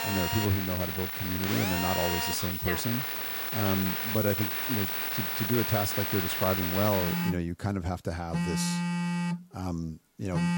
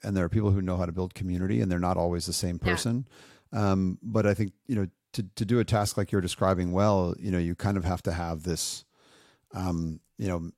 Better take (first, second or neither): second